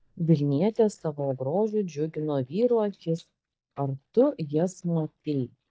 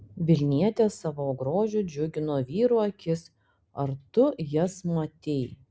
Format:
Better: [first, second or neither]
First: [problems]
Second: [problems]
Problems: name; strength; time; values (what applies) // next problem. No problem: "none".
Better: second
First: noise reduction (neural mask model DeepFilterNet 3)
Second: none